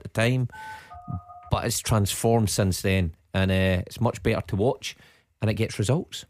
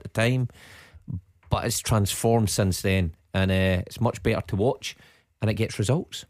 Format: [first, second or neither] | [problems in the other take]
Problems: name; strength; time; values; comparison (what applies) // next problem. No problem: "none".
second | phone ringing; faint; at 0.5 s; peak 15 dB below the speech